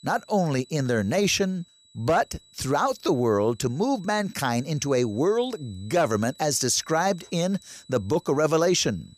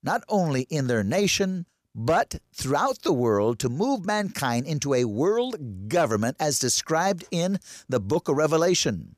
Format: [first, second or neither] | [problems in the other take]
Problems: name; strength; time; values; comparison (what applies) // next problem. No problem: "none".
second | high-pitched whine; faint; throughout; 4 kHz, 25 dB below the speech